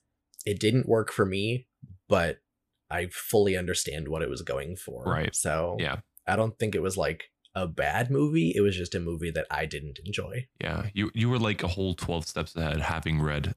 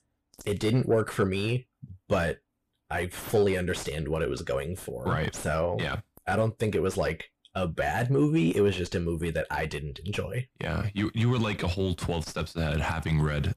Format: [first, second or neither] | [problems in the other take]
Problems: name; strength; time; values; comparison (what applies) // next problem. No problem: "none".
first | distortion; slight; 10 dB below the speech